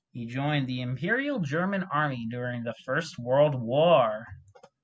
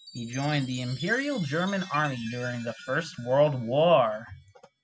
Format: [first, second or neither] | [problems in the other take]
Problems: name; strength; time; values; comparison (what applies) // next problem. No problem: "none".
first | background sound (Chime); 18 dB below the speech